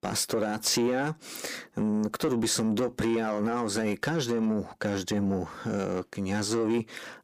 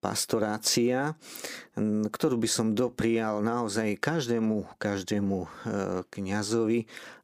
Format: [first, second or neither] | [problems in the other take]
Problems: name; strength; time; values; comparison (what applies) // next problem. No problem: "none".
second | distortion; slight; 10 dB below the speech